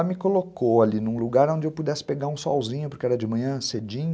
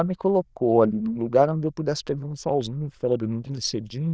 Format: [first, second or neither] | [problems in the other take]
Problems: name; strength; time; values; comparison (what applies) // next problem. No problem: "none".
first | noise reduction (neural diffusion model UNIVERSE++)